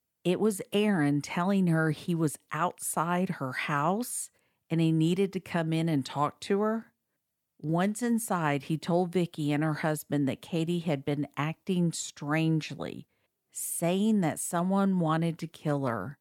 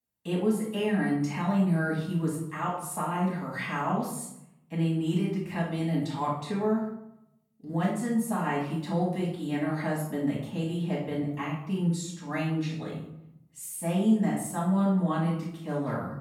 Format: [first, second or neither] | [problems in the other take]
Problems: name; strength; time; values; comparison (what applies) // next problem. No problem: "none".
first | off-mic speech; far // room echo; noticeable; dies away in 0.7 s